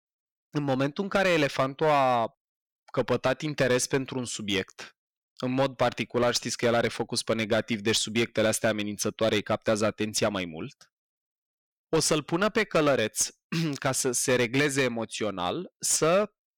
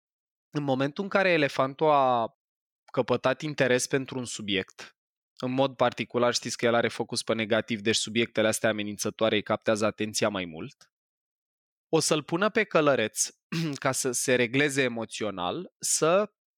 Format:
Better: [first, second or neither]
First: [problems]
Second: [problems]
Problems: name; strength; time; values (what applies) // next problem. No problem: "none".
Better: second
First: distortion; slight; 4% of the sound clipped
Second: none